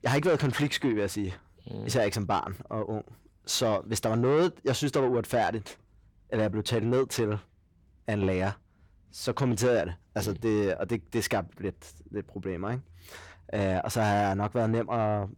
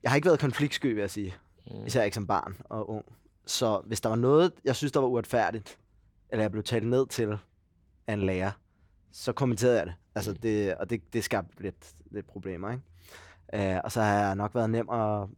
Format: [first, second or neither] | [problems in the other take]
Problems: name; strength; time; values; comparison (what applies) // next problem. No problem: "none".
second | distortion; slight; 10 dB below the speech